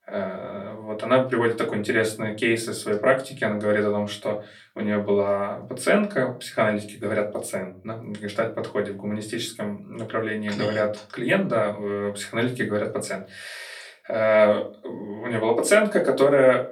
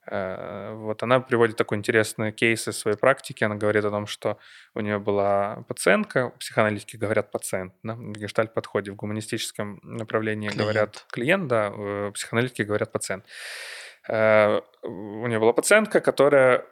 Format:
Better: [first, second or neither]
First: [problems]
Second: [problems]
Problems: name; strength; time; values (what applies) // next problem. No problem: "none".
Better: second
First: off-mic speech; far // room echo; very slight; dies away in 0.3 s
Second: none